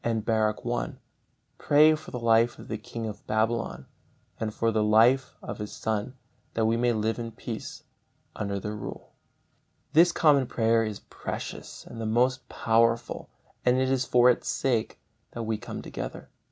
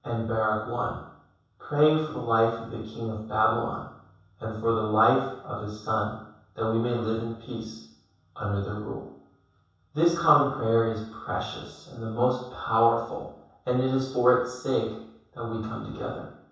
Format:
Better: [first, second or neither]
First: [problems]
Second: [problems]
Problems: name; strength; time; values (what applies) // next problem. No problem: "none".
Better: first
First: none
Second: room echo; dies away in 0.7 s